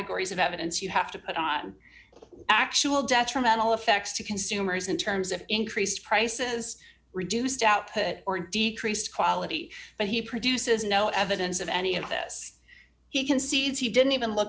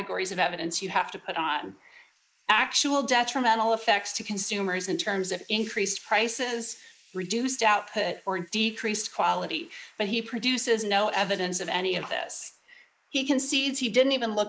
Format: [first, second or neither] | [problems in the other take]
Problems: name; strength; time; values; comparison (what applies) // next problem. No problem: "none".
first | noise reduction (neural mask model Resemble Enhance denoiser)